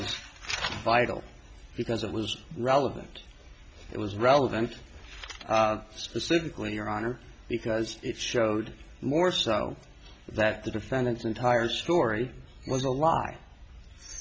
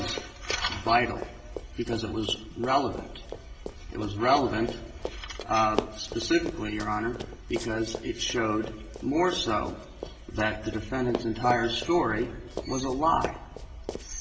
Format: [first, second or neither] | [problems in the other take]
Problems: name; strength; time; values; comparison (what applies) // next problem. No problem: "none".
first | background sound (Run); 12 dB below the speech // room echo; dies away in 2 s